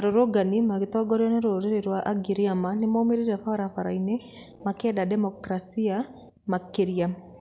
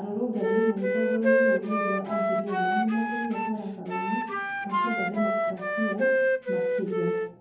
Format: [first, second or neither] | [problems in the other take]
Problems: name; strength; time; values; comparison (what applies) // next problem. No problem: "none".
first | background sound (Wind instrument, woodwind instrument); 3 dB above the speech // room echo; dies away in 1 s